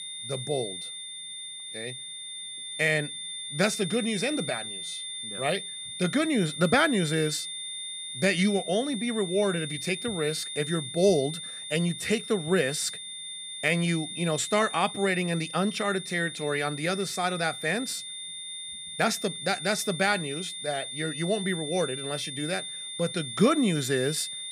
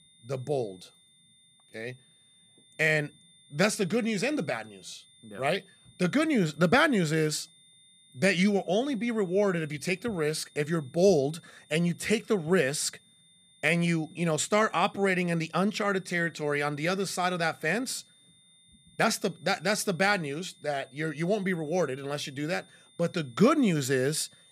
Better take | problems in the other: second | high-pitched whine; loud; throughout; 3.5 kHz, 7 dB below the speech; faint in the second

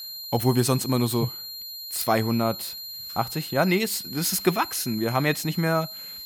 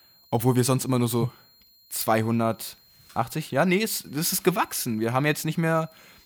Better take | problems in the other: second | high-pitched whine; loud; throughout; 4 kHz, 9 dB below the speech; faint in the second

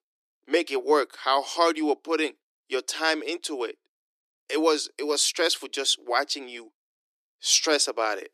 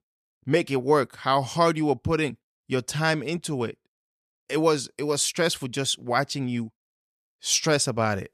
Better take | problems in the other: second | thin; somewhat; fading below 300 Hz

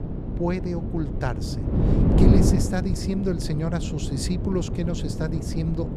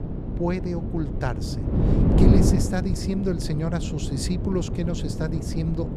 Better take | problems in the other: neither | wind noise on the microphone; heavy; 1 dB below the speech; the same in both

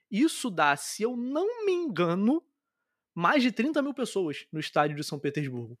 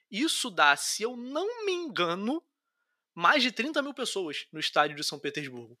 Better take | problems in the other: first | thin; somewhat; fading below 600 Hz

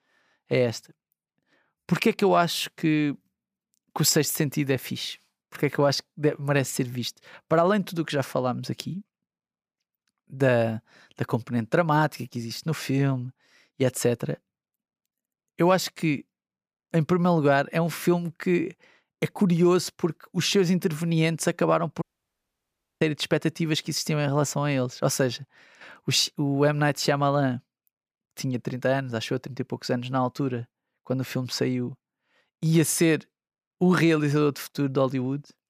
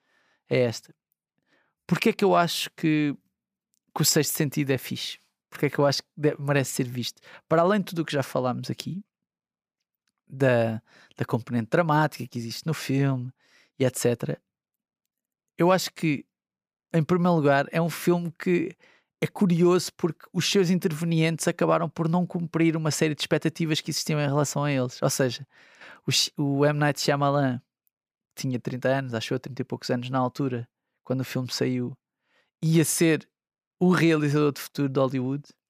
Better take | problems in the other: second | audio cutting out; at 22 s for 1 s

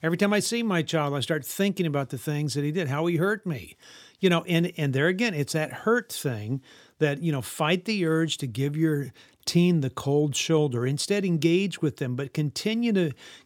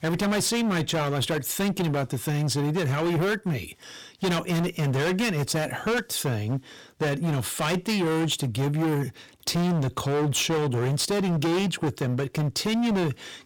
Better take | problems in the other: first | distortion; heavy; 28% of the sound clipped

